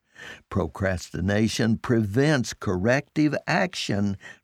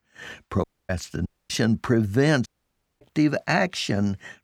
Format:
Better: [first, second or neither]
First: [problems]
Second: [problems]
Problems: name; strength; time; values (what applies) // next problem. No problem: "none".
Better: first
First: none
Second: audio cutting out; at 0.5 s, at 1.5 s and at 2.5 s for 0.5 s